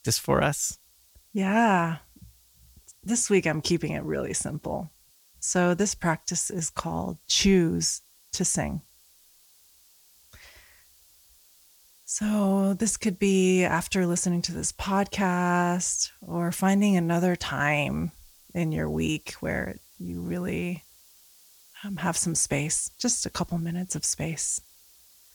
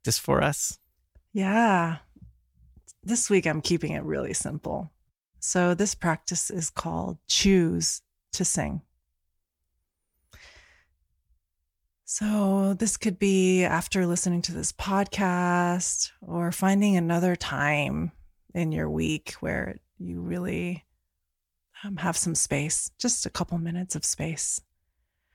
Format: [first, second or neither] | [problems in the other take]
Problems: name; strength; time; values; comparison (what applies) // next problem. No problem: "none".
second | hiss; faint; throughout; 30 dB below the speech